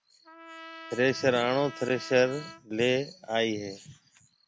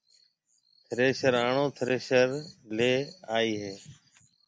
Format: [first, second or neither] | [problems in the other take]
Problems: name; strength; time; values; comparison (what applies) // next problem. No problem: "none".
second | background sound (Trumpet); 18 dB below the speech